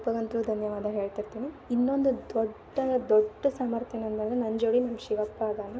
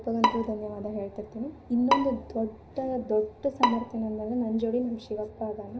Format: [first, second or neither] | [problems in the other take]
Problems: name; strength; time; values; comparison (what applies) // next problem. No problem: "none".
first | background sound (Bowed string instrument); 3 dB below the speech // room echo; dies away in 0.5 s